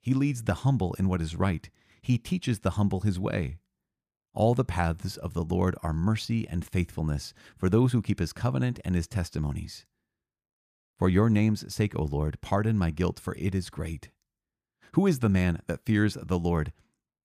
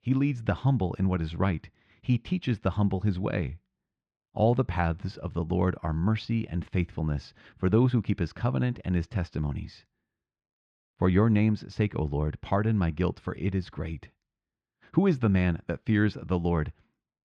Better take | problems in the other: first | muffled; slightly; fading above 3.5 kHz

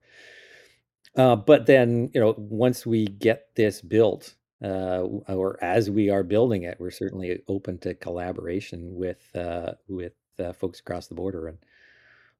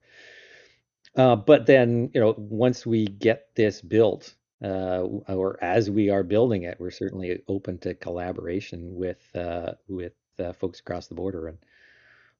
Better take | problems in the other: first | garbled, watery; slightly; nothing above 6.5 kHz

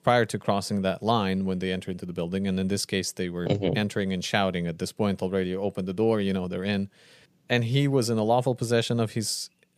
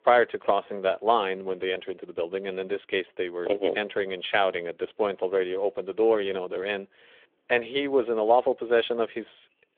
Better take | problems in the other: first | phone-call audio; nothing above 3.5 kHz

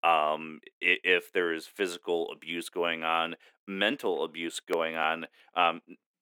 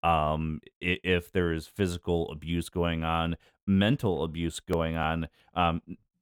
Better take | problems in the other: second | thin; somewhat; fading below 300 Hz

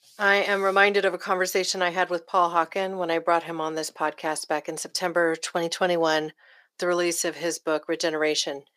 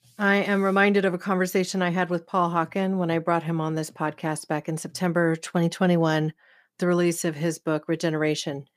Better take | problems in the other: second | thin; very; fading below 500 Hz

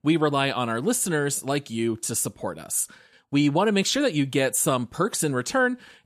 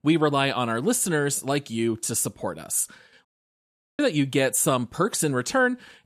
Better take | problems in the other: first | audio cutting out; at 3.5 s for 0.5 s

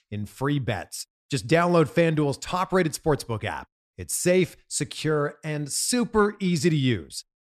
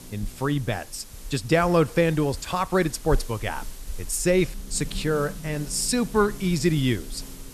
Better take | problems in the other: first | hiss; noticeable; throughout; 15 dB below the speech

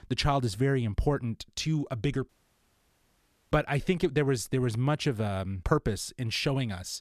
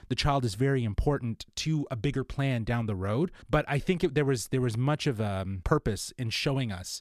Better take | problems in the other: second | audio cutting out; at 2.5 s for 1 s

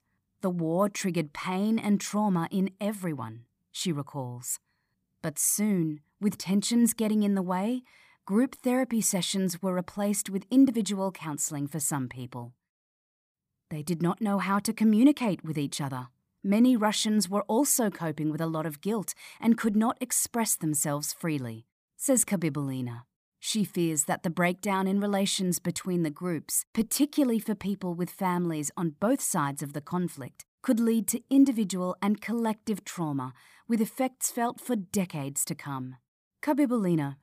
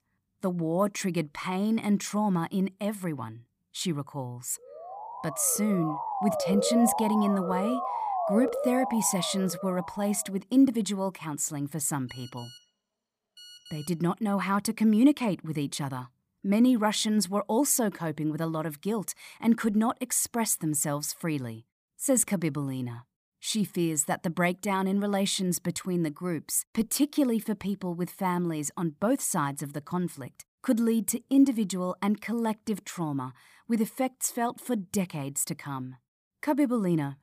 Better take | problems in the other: first | siren; noticeable; from 4.5 to 10 s; peak level with the speech // phone ringing; faint; from 12 to 14 s; peak 20 dB below the speech

